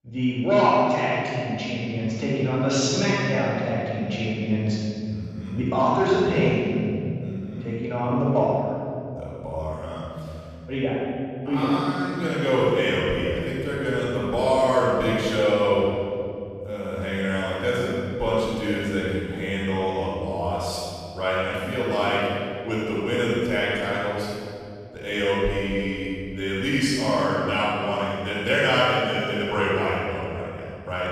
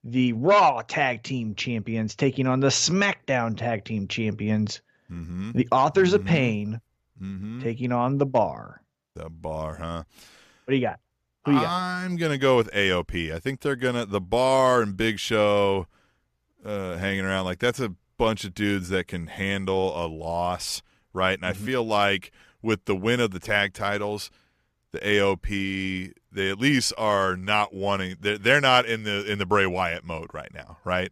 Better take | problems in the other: second | room echo; strong; dies away in 2.6 s // off-mic speech; far

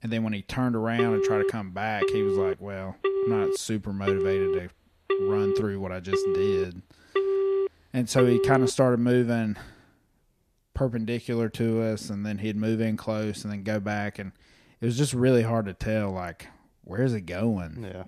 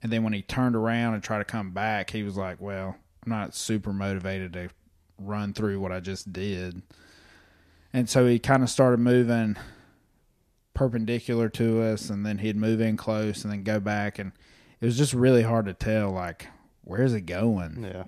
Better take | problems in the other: second | phone ringing; loud; from 1 to 8.5 s; peak 3 dB above the speech

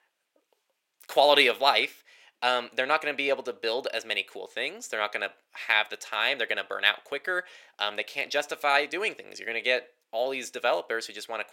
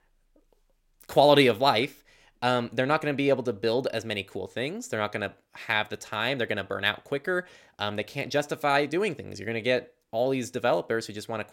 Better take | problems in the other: second | thin; somewhat; fading below 550 Hz

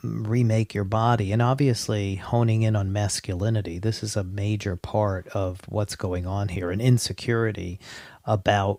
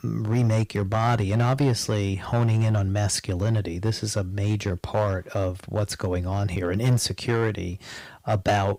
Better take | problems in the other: first | distortion; slight; 5% of the sound clipped

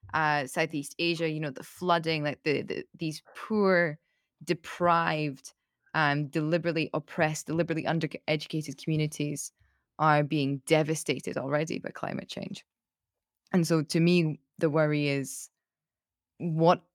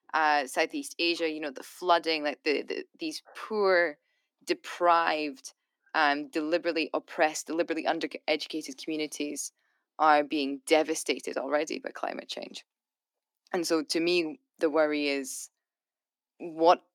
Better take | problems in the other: first | thin; somewhat; fading below 250 Hz

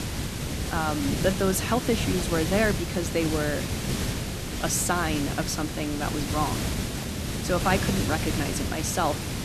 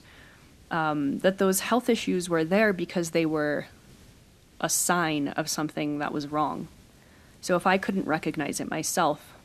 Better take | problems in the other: second | hiss; loud; throughout; 2 dB below the speech; faint in the second

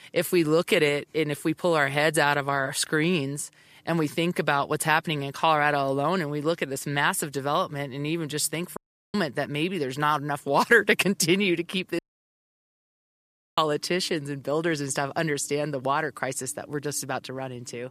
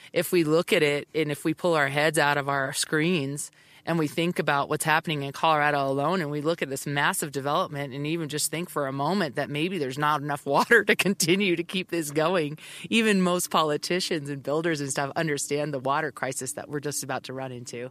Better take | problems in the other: second | audio cutting out; at 9 s and at 12 s for 1.5 s

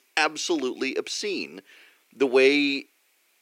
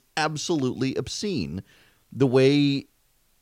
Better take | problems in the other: second | thin; very slightly; fading below 350 Hz

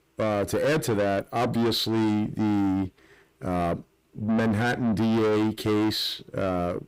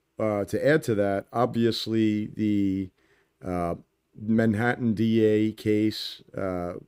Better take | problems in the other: second | distortion; heavy; 7 dB below the speech

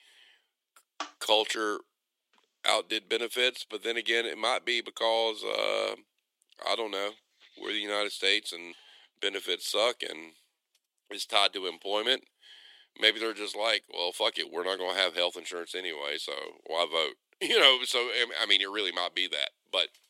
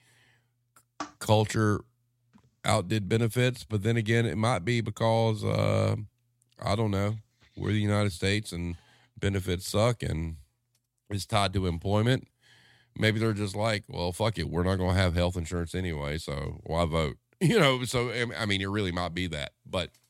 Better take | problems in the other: second | thin; very; fading below 350 Hz

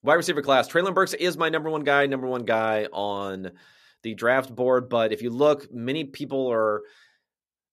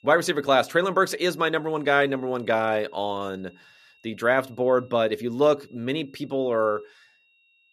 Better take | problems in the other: first | high-pitched whine; faint; throughout; 2.5 kHz, 35 dB below the speech

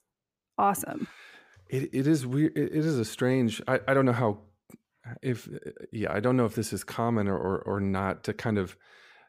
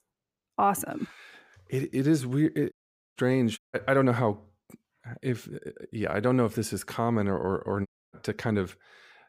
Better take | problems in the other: first | audio cutting out; at 2.5 s, at 3.5 s and at 8 s

